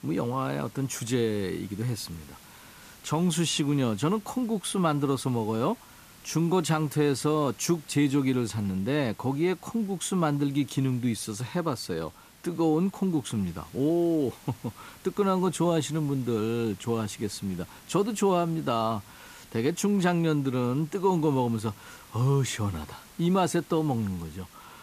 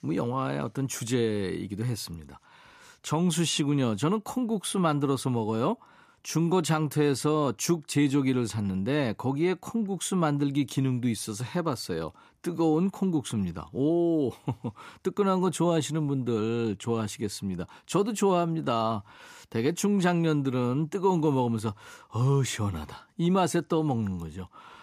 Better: second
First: hiss; faint; throughout; 25 dB below the speech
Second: none

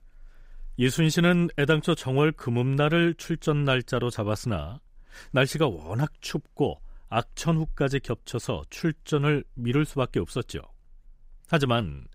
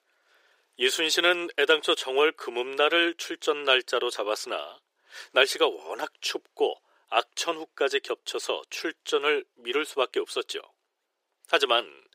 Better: first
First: none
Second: thin; very; fading below 400 Hz

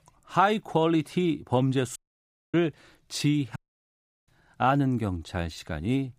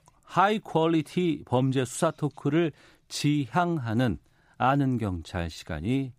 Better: second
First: audio cutting out; at 2 s for 0.5 s and at 3.5 s for 0.5 s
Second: none

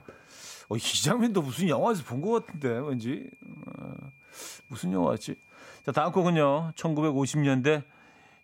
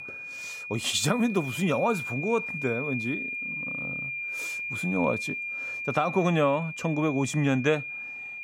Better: first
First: high-pitched whine; faint; throughout; 2.5 kHz, 30 dB below the speech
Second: high-pitched whine; loud; throughout; 2.5 kHz, 5 dB below the speech

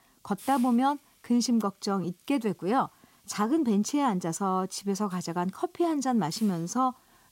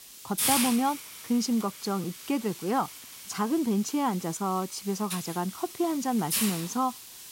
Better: first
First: hiss; faint; throughout; 25 dB below the speech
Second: hiss; loud; throughout; 5 dB below the speech

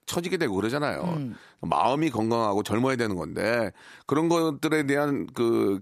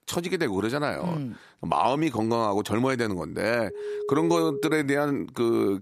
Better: first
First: none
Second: phone ringing; noticeable; from 3.5 to 4.5 s; peak 6 dB below the speech

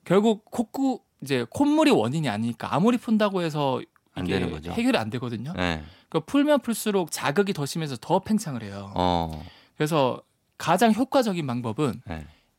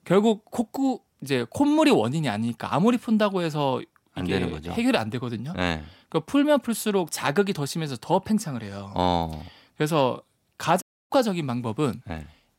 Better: first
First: none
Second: audio cutting out; at 11 s

